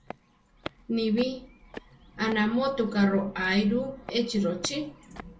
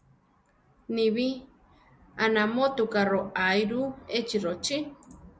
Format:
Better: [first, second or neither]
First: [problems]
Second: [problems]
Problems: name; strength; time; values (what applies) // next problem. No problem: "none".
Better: second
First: background sound (Walk, footsteps); 18 dB below the speech // room echo; dies away in 0.2 s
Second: none